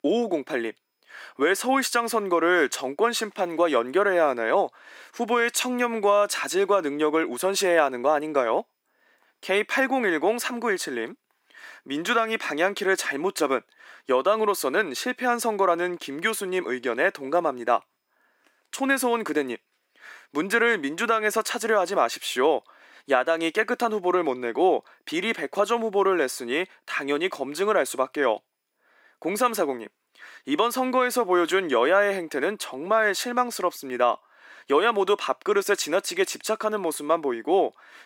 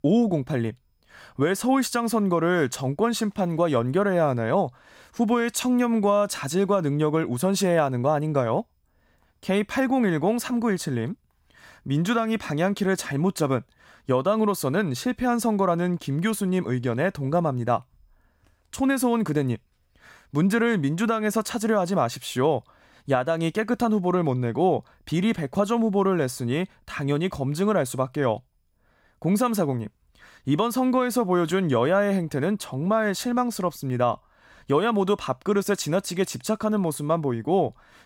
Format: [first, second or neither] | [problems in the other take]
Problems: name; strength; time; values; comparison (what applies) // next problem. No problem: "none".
second | thin; somewhat; fading below 300 Hz